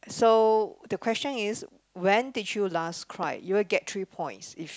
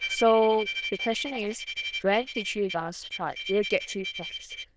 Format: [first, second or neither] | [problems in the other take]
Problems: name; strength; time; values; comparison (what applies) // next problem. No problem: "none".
first | noise reduction (neural diffusion model UNIVERSE++)